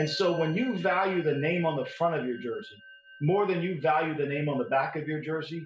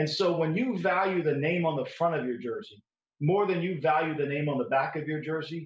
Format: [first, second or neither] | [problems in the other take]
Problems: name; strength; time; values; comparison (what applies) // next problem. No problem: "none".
second | background sound (Musical instrument); 20 dB below the speech